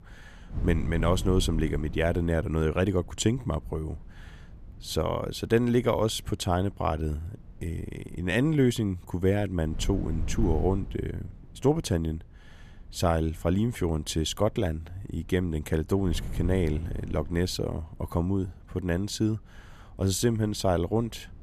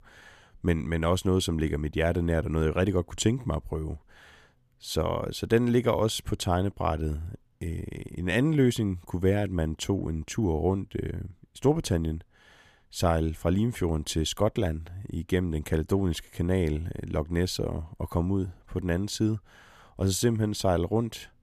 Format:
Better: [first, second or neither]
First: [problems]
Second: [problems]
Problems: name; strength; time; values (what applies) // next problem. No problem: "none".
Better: second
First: wind noise on the microphone; occasional gusts; 20 dB below the speech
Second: none